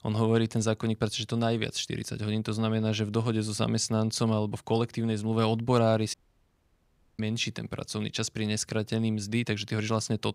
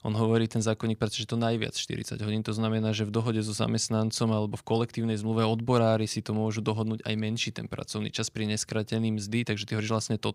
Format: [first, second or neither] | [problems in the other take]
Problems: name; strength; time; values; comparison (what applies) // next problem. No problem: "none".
second | audio cutting out; at 6 s for 1 s